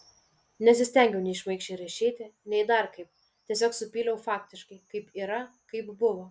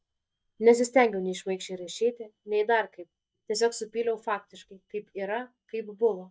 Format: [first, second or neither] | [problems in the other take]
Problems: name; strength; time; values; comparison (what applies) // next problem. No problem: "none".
first | noise reduction (neural mask model DeepFilterNet 3)